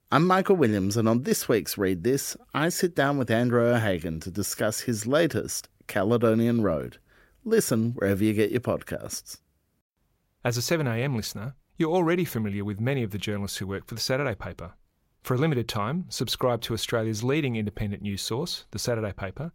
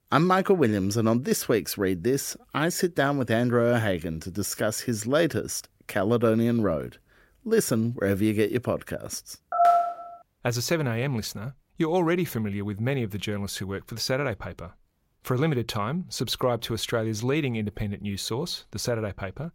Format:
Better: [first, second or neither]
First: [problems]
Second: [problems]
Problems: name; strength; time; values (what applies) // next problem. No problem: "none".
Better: first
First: none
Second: phone ringing; loud; at 9.5 s; peak 6 dB above the speech